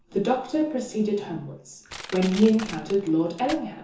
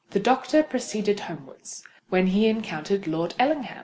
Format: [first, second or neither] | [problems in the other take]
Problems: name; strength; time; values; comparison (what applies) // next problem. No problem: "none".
second | background sound (Crushing); 17 dB below the speech // room echo; dies away in 0.7 s